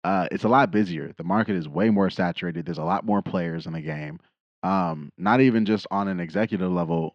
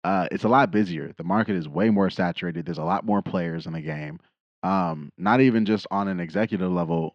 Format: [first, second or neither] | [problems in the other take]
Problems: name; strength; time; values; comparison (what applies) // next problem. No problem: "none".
neither | muffled; slightly; fading above 3 kHz; the same in both